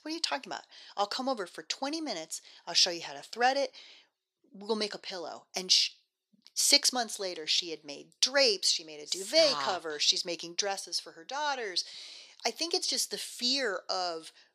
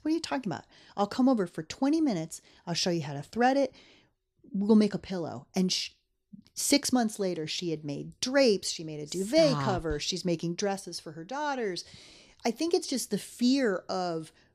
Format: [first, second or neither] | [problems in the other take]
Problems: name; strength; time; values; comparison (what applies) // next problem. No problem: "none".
second | thin; somewhat; fading below 600 Hz